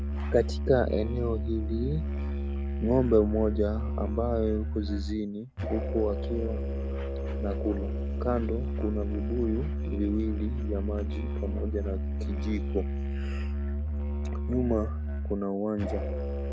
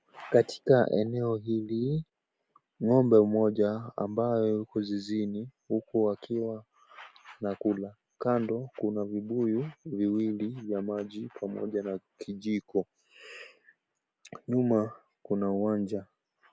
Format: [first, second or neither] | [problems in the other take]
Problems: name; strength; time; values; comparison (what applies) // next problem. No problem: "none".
second | background sound (Musical instrument); as loud as the speech